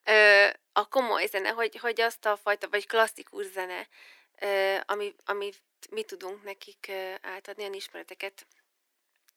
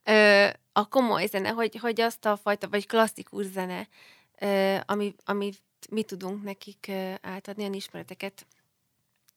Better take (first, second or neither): second